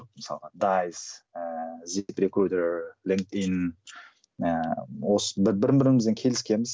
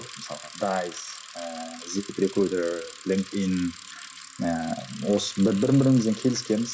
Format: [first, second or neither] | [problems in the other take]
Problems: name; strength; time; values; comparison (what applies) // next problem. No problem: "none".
first | background sound (Bicycle); 16 dB below the speech // room echo; dies away in 0.5 s